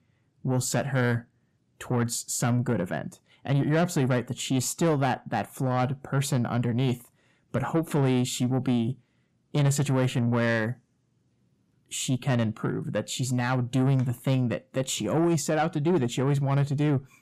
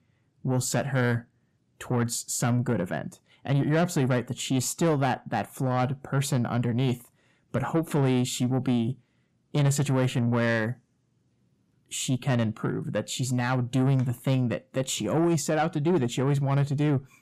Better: neither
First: distortion; slight; 10 dB below the speech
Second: distortion; slight; 10 dB below the speech

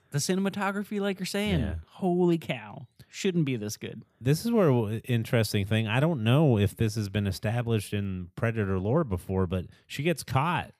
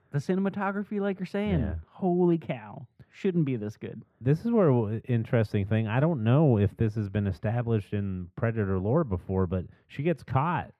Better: first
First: none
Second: muffled; very; fading above 3 kHz

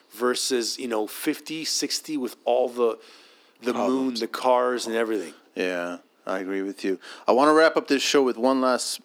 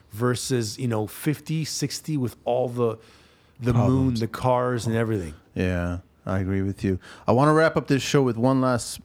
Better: second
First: thin; somewhat; fading below 250 Hz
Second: none

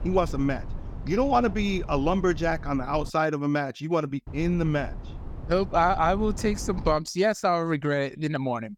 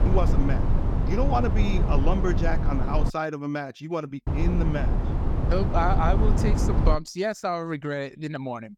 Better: first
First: low rumble; faint; until 3 s and from 4.5 to 7 s; 20 dB below the speech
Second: low rumble; loud; until 3 s and from 4.5 to 7 s; 5 dB below the speech

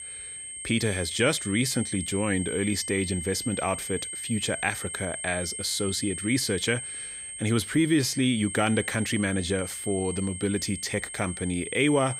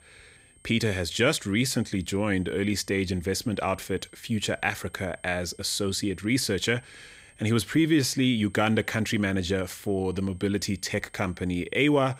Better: second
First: high-pitched whine; loud; throughout; 8.5 kHz, 7 dB below the speech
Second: high-pitched whine; faint; throughout; 8.5 kHz, 30 dB below the speech

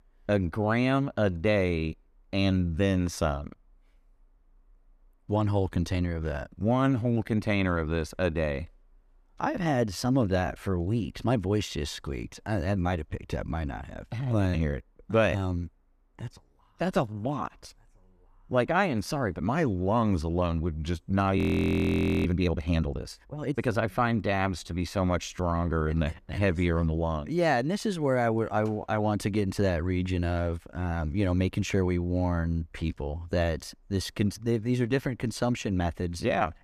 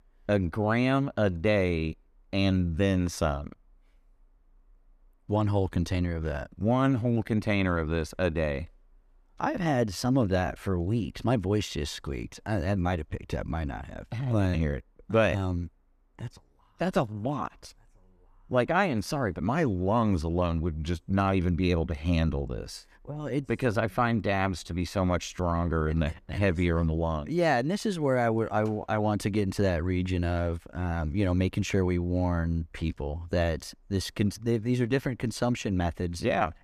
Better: second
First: audio freezing; at 21 s for 1 s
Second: none

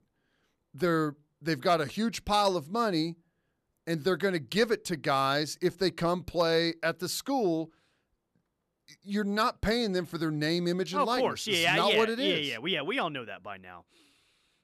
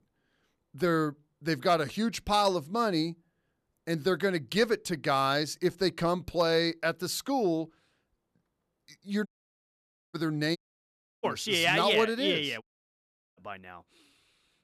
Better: first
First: none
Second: audio cutting out; at 9.5 s for 1 s, at 11 s for 0.5 s and at 13 s for 1 s

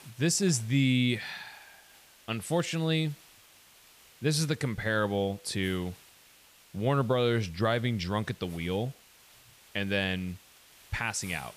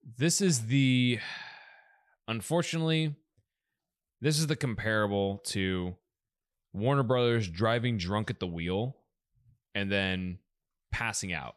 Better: second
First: hiss; faint; throughout; 25 dB below the speech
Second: none

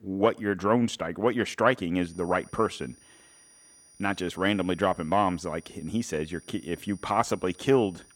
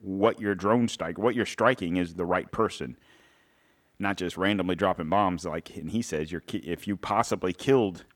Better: second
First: high-pitched whine; faint; from 2 s on; 9.5 kHz, 25 dB below the speech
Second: none

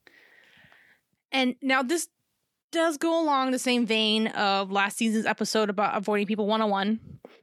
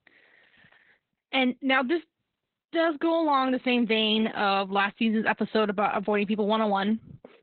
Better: first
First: none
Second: garbled, watery; badly; nothing above 4 kHz

